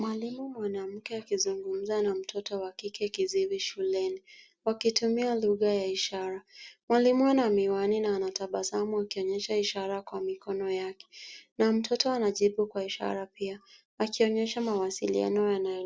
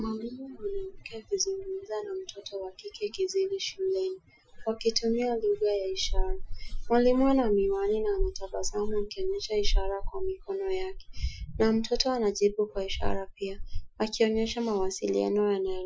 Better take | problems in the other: first | noise reduction (classical method Wiener filter)

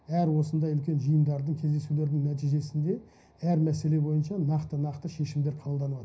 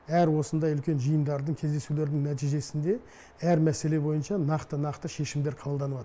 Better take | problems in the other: second | room echo; dies away in 0.4 s

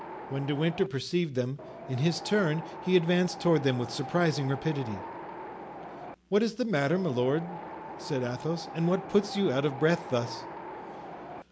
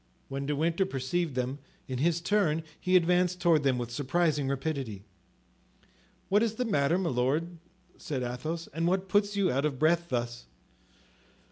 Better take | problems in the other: second | background sound (Wind); 12 dB below the speech

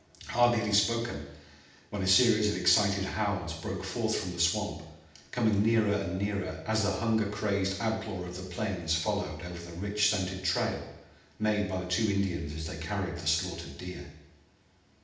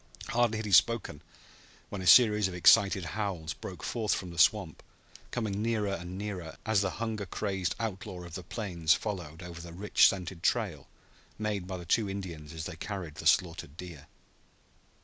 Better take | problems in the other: second | room echo; dies away in 0.8 s

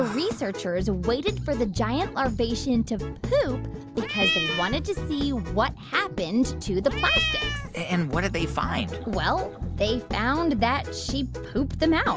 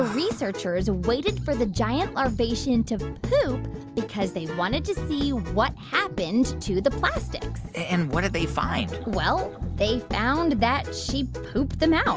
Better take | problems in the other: second | background sound (Cat); 2 dB below the speech

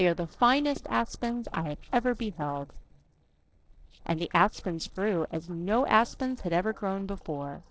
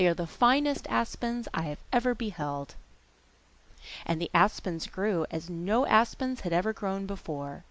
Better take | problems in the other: second | noise reduction (neural separator model SepFormer DNS4)

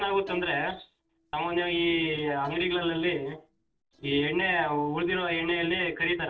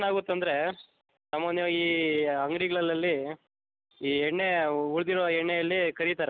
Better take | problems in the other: second | noise reduction (neural separator model SepFormer DNS4)

